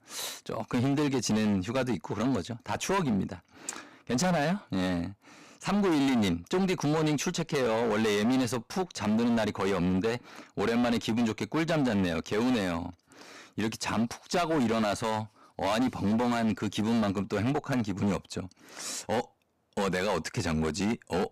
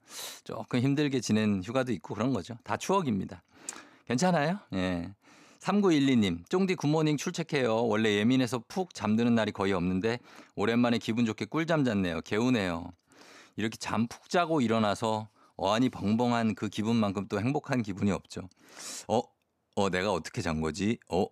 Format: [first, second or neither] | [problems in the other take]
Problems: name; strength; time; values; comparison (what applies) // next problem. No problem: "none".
second | distortion; heavy; 17% of the sound clipped